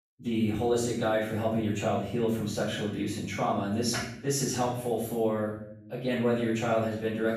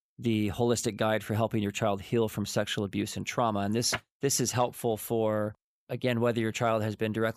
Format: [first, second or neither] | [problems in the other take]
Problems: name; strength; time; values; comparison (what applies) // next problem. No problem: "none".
second | room echo; noticeable; dies away in 0.6 s // off-mic speech; far